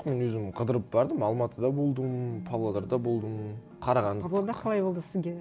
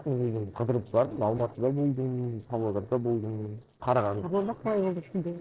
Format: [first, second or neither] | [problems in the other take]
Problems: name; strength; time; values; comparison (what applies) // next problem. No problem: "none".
first | noise reduction (neural separator model SepFormer DNS4)